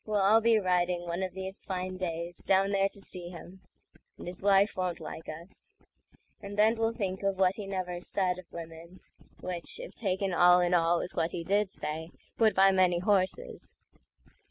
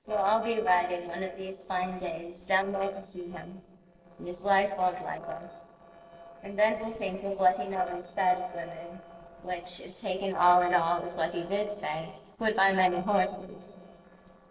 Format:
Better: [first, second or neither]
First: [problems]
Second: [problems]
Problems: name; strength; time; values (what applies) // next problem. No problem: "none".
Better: first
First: none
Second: noise reduction (neural separator model SepFormer DNS4)